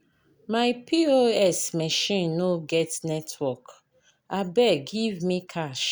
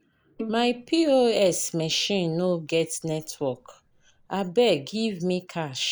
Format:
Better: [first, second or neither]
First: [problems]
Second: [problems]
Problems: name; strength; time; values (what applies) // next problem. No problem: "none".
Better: first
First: none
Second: noise reduction (neural mask model Resemble Enhance denoiser)